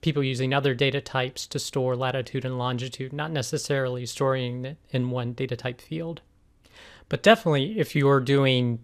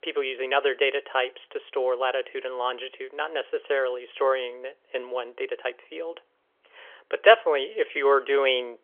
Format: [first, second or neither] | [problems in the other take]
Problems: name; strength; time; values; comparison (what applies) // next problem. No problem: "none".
first | phone-call audio; nothing above 3.5 kHz